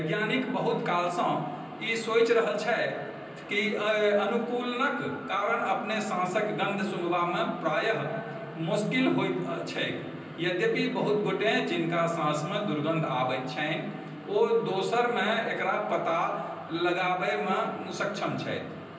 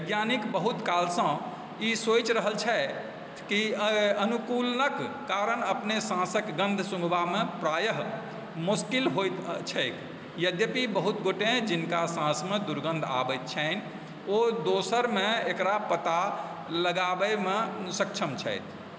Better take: second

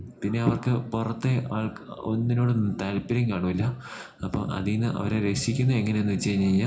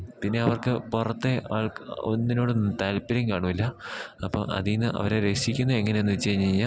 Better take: second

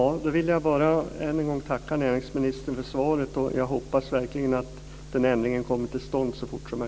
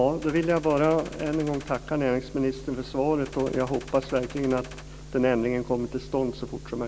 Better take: first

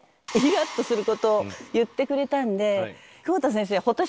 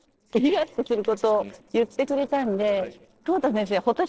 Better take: first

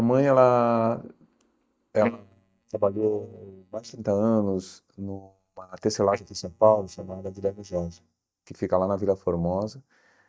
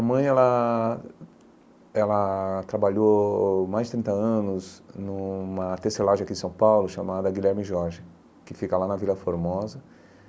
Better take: second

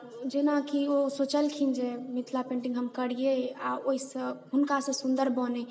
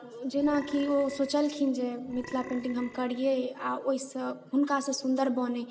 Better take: first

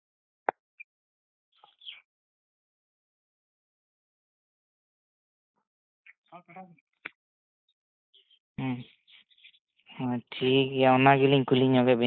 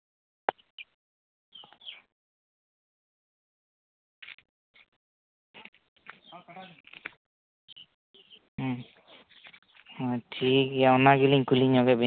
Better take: second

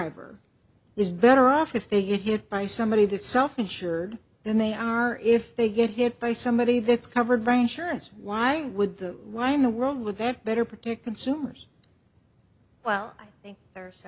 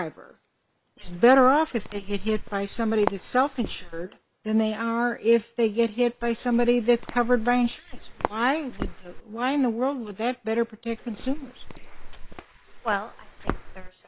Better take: first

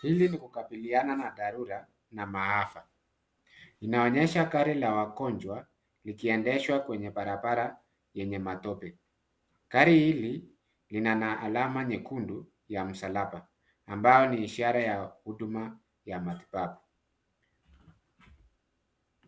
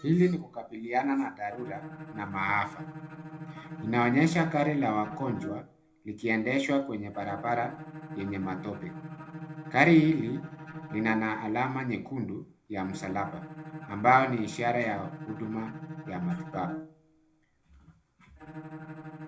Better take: first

